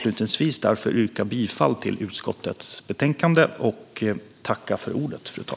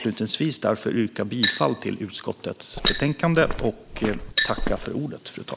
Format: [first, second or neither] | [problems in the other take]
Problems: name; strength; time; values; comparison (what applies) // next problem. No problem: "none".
first | background sound (Glass + Walk, footsteps); 3 dB below the speech